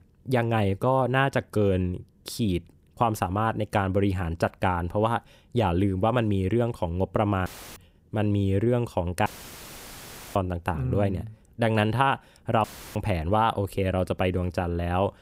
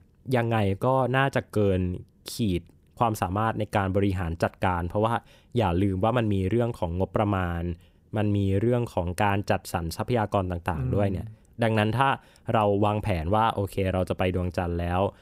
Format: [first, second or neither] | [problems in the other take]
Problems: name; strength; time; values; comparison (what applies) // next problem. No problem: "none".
second | audio cutting out; filled with static; at 7.5 s, at 9.5 s for 1 s and at 13 s